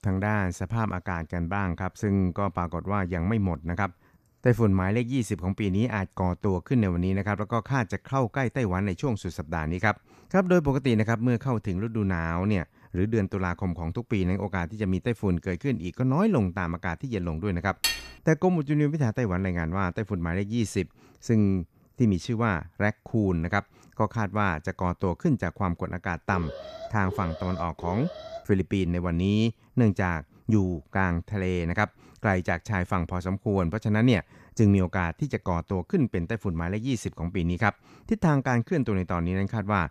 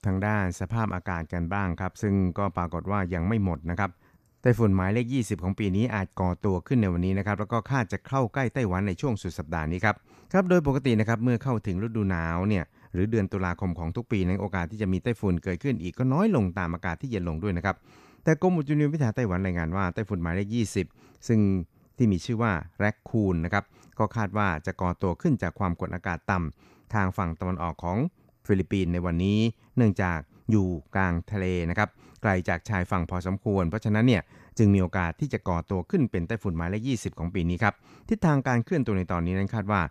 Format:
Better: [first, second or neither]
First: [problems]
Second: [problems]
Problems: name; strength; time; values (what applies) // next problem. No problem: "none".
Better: second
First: clattering dishes; noticeable; at 18 s; peak level with the speech // alarm; faint; from 26 to 28 s; peak 10 dB below the speech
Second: none